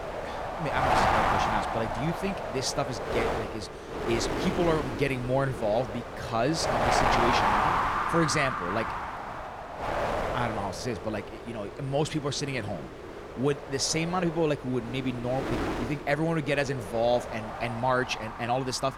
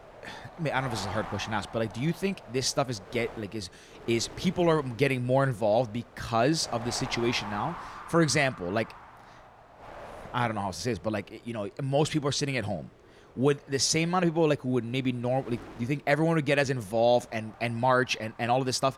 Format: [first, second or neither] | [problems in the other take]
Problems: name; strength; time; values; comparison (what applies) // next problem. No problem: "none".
second | wind noise on the microphone; heavy; 2 dB above the speech; occasional gusts in the second